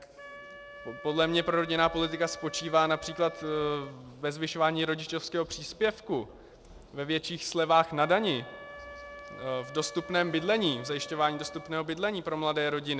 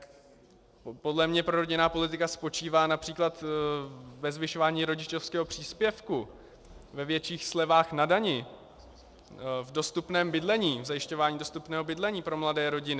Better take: second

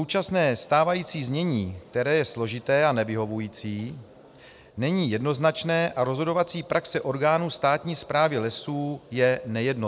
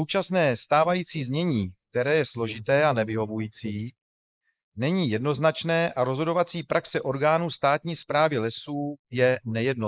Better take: first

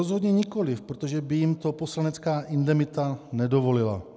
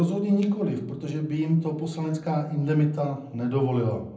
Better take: first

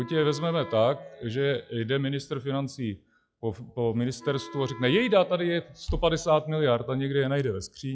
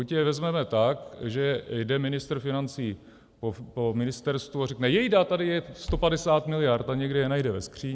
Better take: second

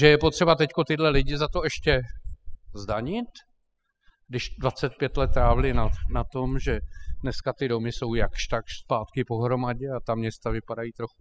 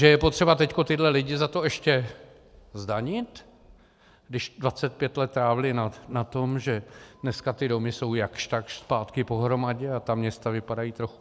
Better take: second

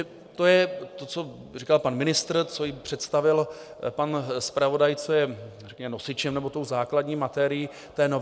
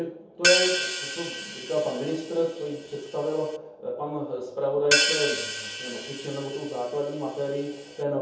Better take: first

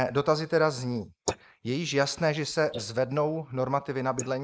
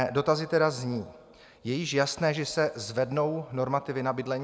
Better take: second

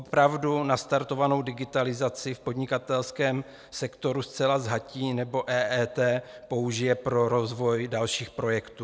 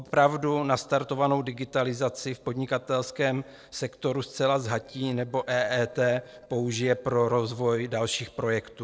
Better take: first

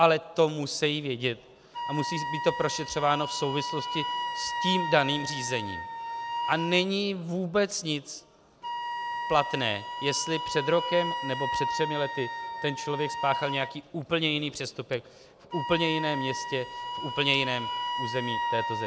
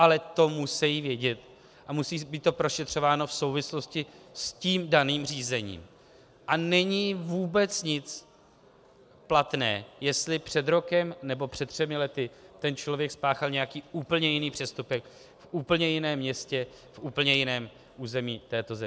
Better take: second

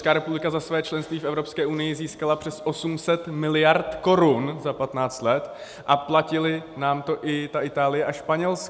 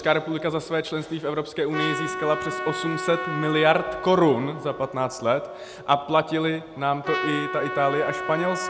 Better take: first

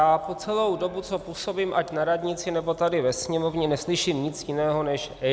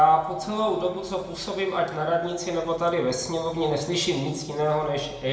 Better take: first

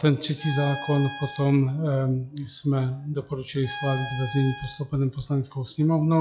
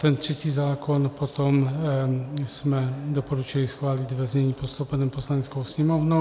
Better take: second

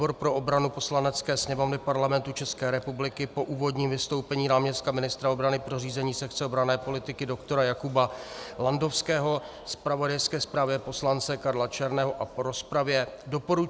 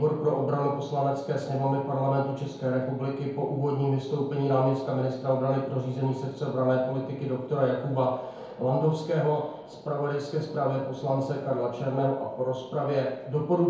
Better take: first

